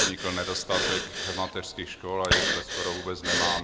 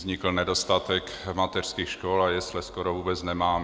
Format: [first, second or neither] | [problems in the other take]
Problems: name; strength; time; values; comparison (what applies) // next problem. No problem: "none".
second | background sound (Breathing); 3 dB above the speech